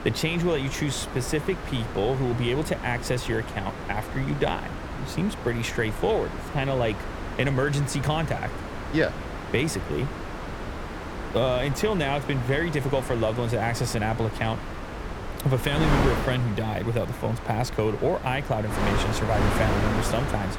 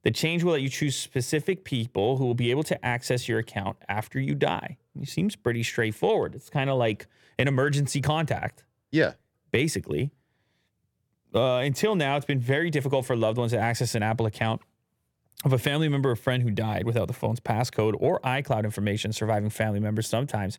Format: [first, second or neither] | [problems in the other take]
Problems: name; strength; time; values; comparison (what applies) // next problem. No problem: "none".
second | wind noise on the microphone; heavy; 5 dB below the speech